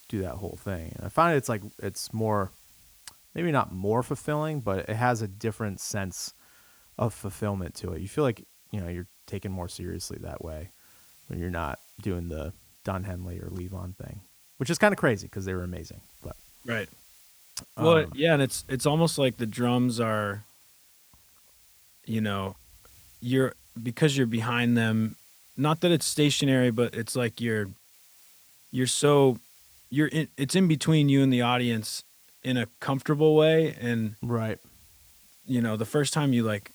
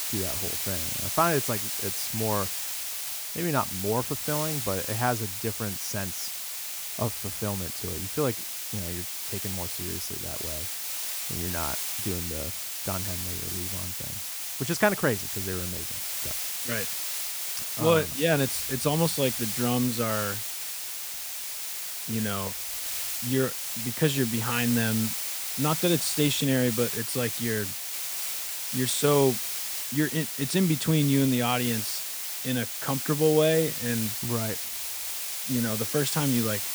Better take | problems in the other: first | hiss; loud; throughout; 1 dB below the speech; faint in the first

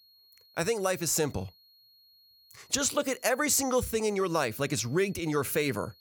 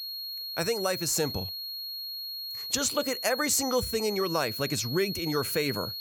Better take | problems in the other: first | high-pitched whine; loud; throughout; 4.5 kHz, 5 dB below the speech; faint in the first

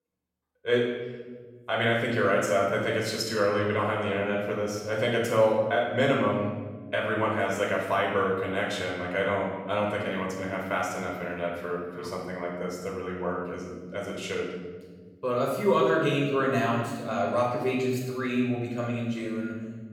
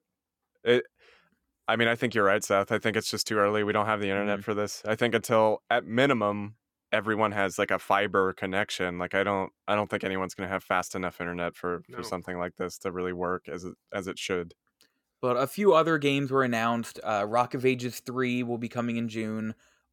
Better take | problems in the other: second | off-mic speech; far // room echo; noticeable; dies away in 1.4 s

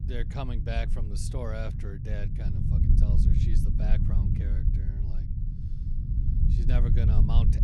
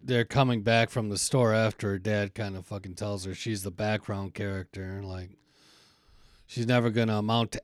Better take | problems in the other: second | low rumble; loud; throughout; 2 dB below the speech

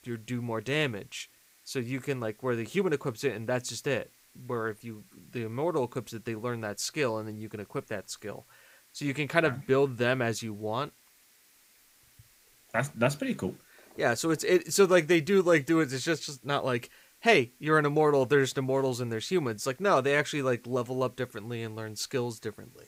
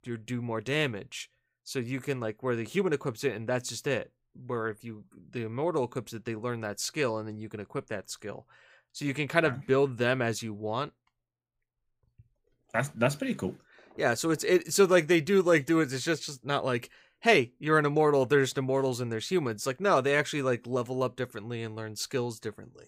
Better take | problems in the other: second | hiss; faint; throughout; 30 dB below the speech

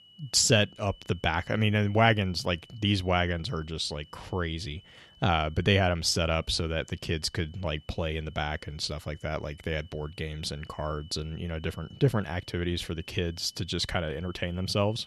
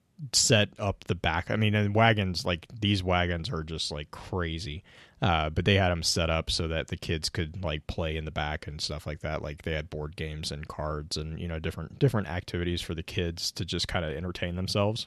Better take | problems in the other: second | high-pitched whine; faint; throughout; 3 kHz, 25 dB below the speech

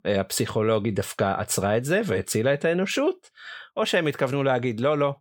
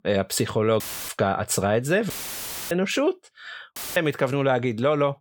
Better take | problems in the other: first | audio cutting out; filled with static; at 1 s, at 2 s for 0.5 s and at 4 s

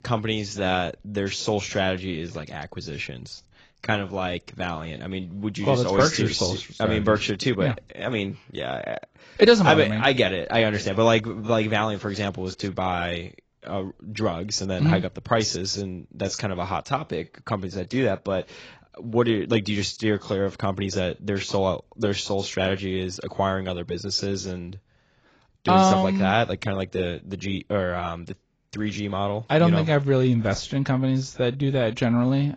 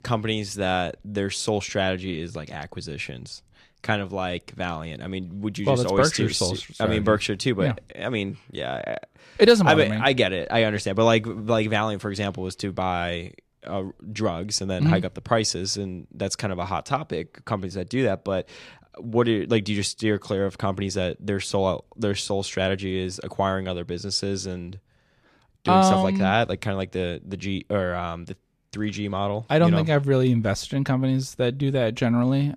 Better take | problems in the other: second | garbled, watery; badly; nothing above 7.5 kHz

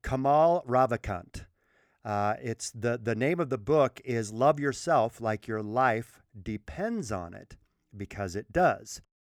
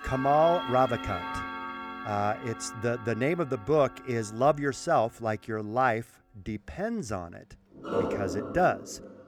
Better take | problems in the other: first | household noises; loud; throughout; 8 dB below the speech

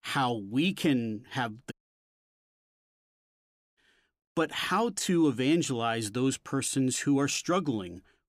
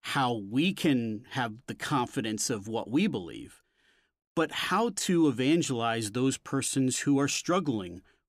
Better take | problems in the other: second | audio cutting out; at 1.5 s for 2 s

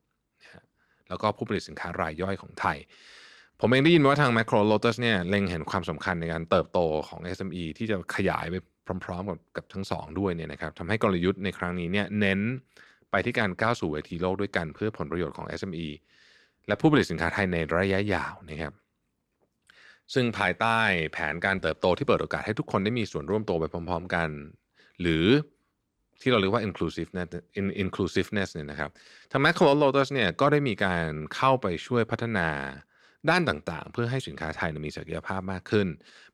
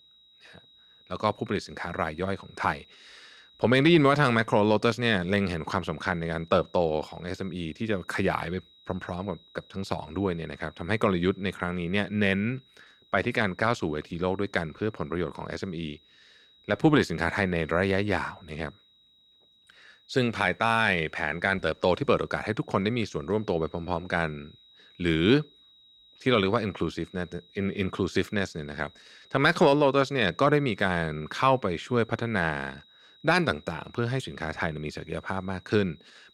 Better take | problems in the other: first | high-pitched whine; faint; throughout; 4 kHz, 30 dB below the speech

